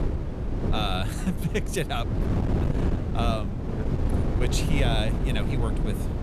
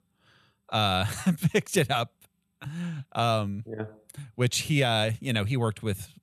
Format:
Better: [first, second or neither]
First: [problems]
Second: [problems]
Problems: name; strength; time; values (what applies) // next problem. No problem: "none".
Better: second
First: wind noise on the microphone; heavy; 4 dB below the speech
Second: none